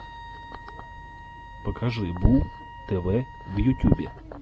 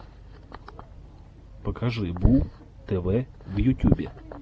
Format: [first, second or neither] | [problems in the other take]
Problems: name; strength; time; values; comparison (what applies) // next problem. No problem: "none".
second | background sound (Wind instrument, woodwind instrument); 17 dB below the speech